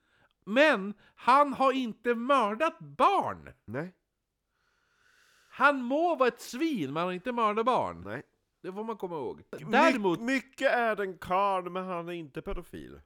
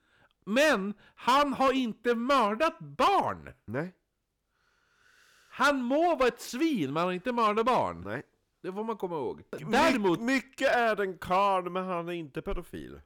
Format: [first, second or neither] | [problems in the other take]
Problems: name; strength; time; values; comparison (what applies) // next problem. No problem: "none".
first | distortion; slight; 5% of the sound clipped